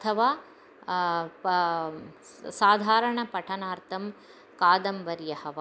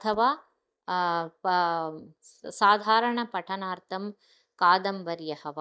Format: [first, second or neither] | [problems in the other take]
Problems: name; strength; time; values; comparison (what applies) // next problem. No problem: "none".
first | noise reduction (neural mask model DeepFilterNet 3)